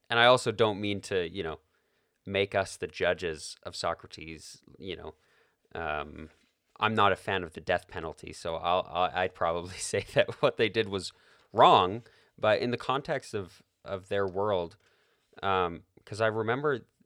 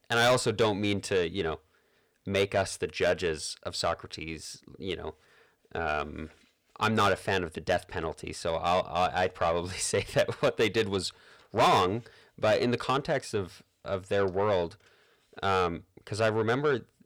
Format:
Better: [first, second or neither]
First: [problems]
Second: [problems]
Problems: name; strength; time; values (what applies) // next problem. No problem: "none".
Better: first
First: none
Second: distortion; heavy; 8 dB below the speech